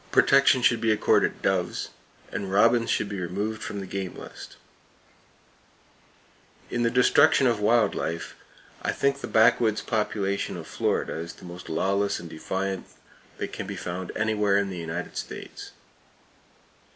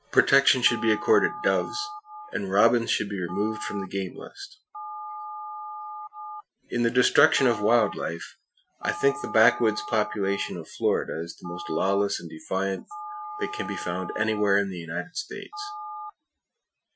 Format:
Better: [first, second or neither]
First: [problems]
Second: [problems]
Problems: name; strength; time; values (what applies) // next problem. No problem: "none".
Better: first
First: none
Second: noise reduction (classical method Wiener filter)